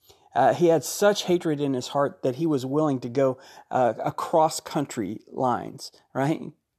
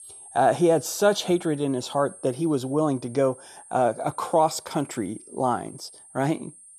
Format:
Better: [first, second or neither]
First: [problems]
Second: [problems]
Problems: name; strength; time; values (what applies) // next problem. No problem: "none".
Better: first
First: none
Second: high-pitched whine; noticeable; throughout; 8.5 kHz, 20 dB below the speech